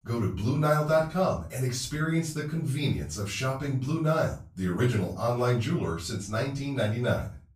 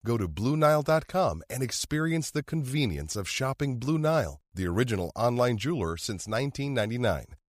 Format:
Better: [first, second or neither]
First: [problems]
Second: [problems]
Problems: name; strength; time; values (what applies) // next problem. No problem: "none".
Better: second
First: off-mic speech; far // room echo; slight; dies away in 0.3 s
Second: none